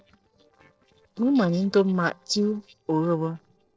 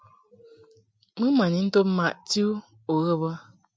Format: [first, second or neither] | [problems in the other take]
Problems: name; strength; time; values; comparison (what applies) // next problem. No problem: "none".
second | noise reduction (neural separator model SepFormer DNS4)